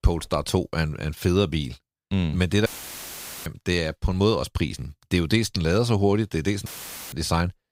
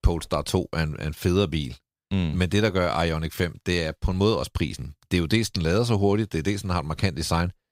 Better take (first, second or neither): second